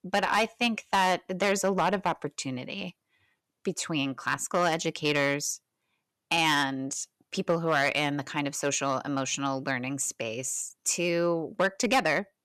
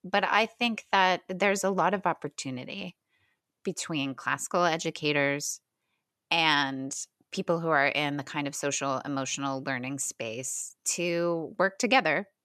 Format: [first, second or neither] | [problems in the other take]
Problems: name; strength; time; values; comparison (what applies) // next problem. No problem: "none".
second | distortion; slight; 2% of the sound clipped